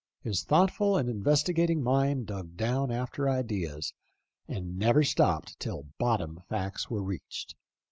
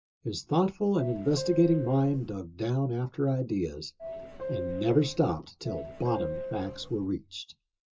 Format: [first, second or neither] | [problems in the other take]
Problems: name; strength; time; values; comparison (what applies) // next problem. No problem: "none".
first | background sound (Subway, metro, underground / Doorbell); 8 dB below the speech // room echo; dies away in 0.2 s